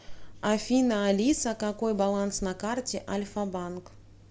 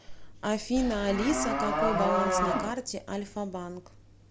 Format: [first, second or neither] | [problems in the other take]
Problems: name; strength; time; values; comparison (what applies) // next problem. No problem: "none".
first | background sound (Livestock, farm animals, working animals); 3 dB above the speech